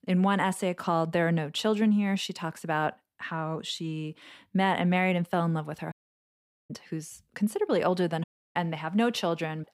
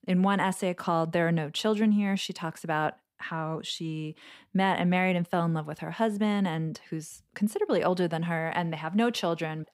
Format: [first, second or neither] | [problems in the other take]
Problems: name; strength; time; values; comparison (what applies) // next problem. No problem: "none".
second | audio cutting out; at 6 s for 1 s and at 8 s